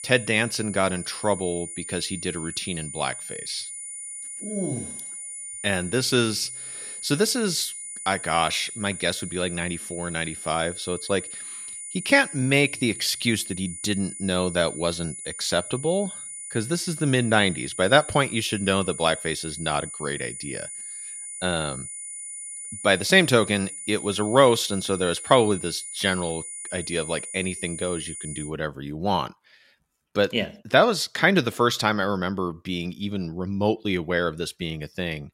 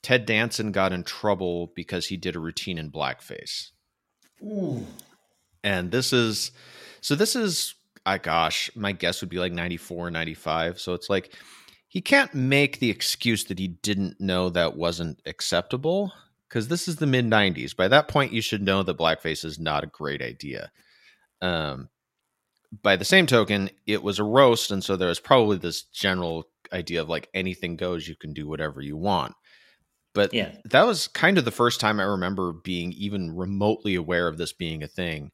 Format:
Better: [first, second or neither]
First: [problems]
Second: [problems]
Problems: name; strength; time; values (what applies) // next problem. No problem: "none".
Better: second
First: high-pitched whine; loud; until 28 s; 9.5 kHz, 9 dB below the speech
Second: none